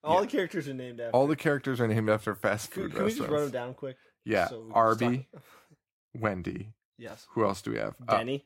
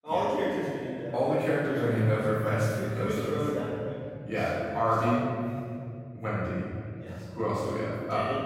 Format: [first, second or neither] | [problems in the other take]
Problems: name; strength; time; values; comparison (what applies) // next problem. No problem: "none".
first | room echo; strong; dies away in 3 s // off-mic speech; far